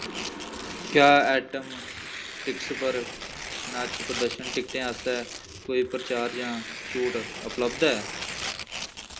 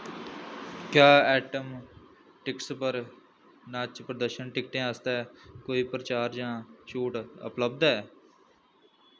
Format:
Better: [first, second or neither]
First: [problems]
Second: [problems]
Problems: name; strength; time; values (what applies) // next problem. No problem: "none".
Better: second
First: background sound (Tearing); 9 dB below the speech // room echo; dies away in 0.3 s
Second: none